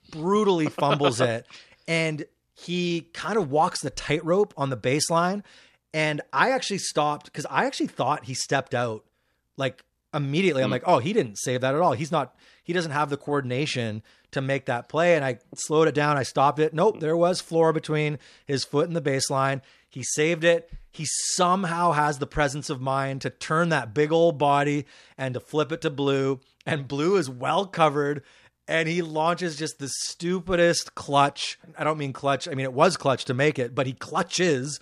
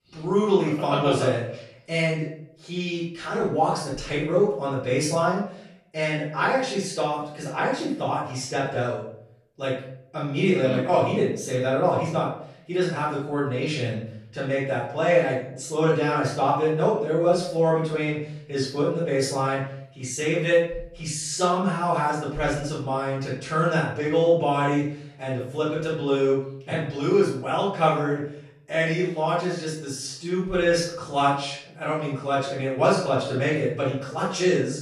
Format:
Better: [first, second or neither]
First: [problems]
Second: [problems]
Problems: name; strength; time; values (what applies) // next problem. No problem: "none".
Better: first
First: none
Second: off-mic speech; far // room echo; noticeable; dies away in 0.6 s